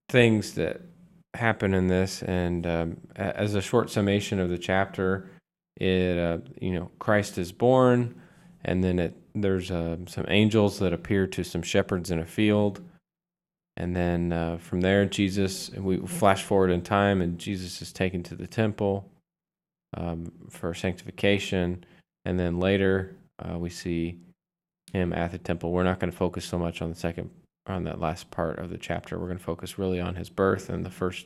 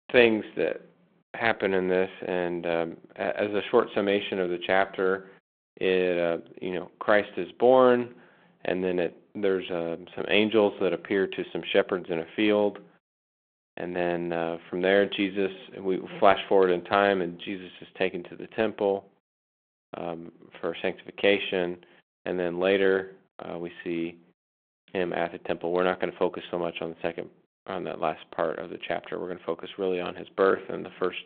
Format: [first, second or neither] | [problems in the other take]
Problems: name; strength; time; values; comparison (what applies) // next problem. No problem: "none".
first | phone-call audio